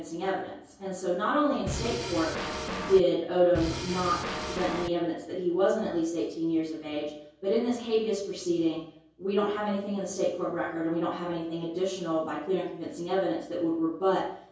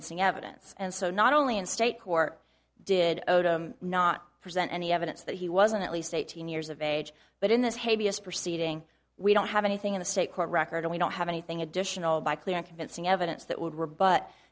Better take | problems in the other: second | background sound (Drum kit); 5 dB below the speech // room echo; dies away in 0.6 s

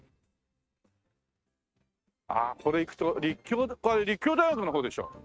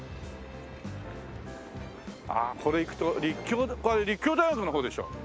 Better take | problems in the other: second | noise reduction (neural mask model RNNoise)

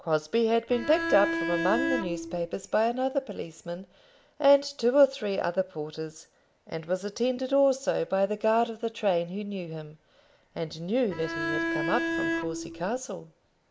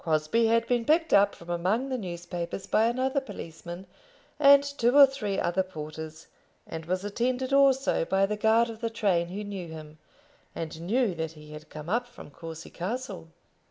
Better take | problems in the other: second | background sound (Bowed string instrument); 3 dB below the speech

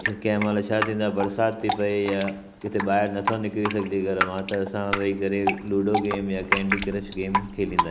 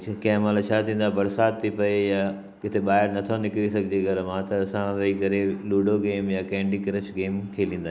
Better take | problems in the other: second | background sound (Drip); 5 dB below the speech

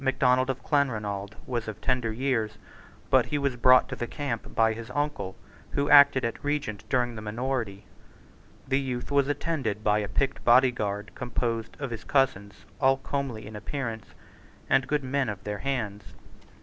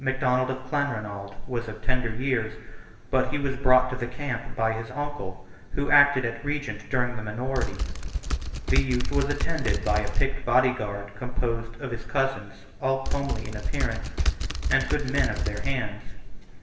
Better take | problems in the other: first | background sound (Typing); 2 dB below the speech // room echo; dies away in 1.1 s

